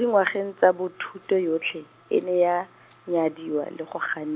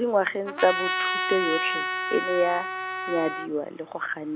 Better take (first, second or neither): first